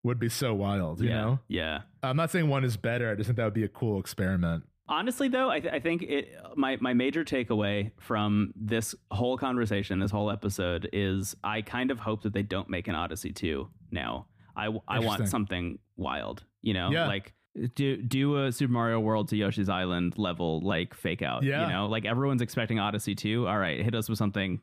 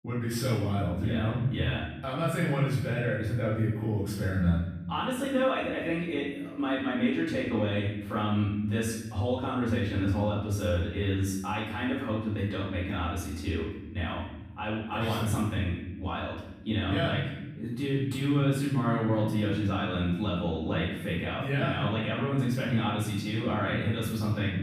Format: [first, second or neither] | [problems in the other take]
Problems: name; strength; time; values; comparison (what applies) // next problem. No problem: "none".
first | off-mic speech; far // room echo; noticeable; dies away in 1 s